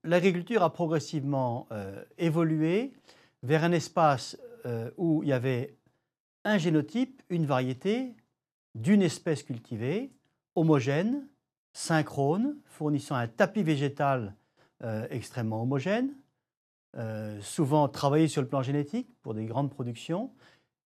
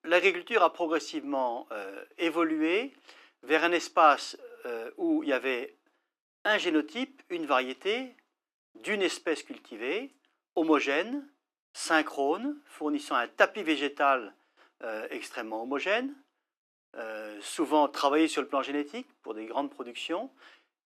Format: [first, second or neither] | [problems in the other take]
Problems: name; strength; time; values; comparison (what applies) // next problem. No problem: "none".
first | thin; somewhat; fading below 300 Hz